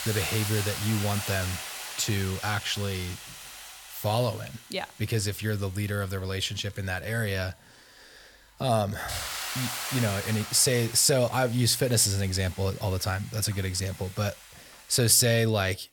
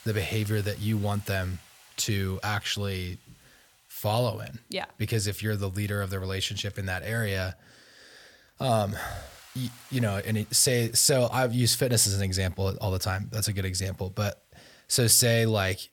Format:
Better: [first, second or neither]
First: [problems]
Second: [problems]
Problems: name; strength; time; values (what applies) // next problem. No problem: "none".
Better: second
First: hiss; loud; throughout; 9 dB below the speech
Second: hiss; faint; throughout; 25 dB below the speech